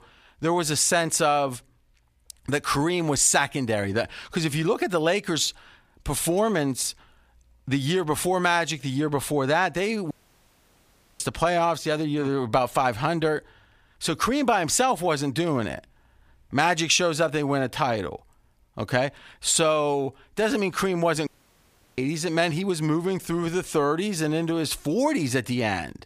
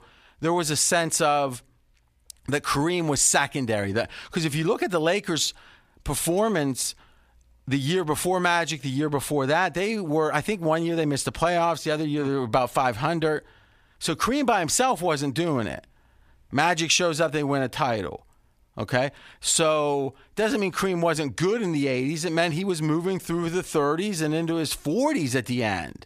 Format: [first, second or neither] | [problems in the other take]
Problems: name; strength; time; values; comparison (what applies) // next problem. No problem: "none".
second | audio cutting out; at 10 s for 1 s and at 21 s for 0.5 s